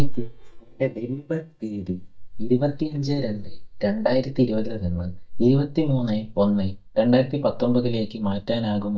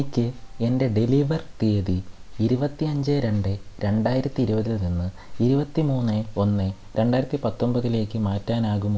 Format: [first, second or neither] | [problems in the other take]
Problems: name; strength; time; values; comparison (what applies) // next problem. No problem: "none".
second | noise reduction (neural mask model DeepFilterNet 3)